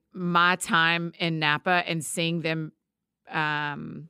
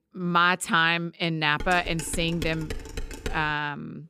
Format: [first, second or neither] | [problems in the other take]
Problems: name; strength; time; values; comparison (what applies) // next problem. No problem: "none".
first | clattering dishes; faint; from 1.5 to 3.5 s; peak 10 dB below the speech